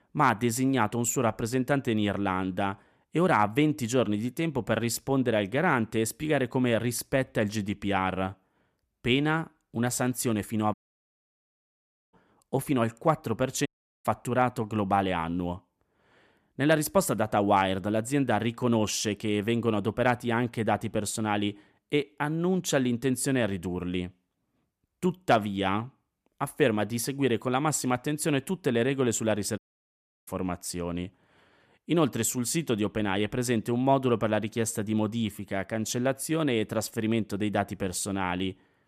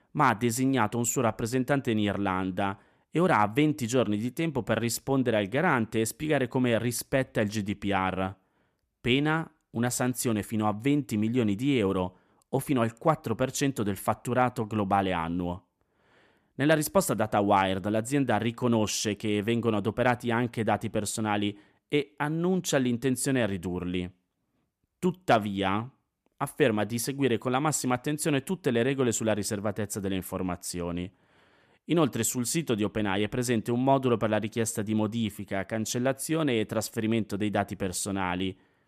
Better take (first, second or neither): second